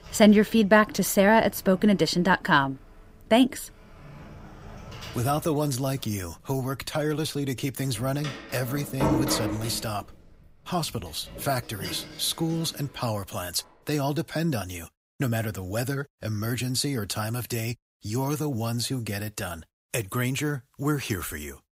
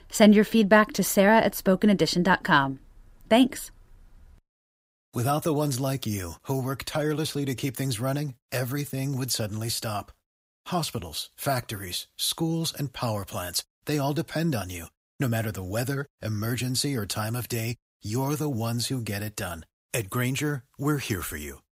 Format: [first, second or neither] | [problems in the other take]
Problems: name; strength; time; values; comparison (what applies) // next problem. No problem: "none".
second | household noises; loud; until 14 s; 10 dB below the speech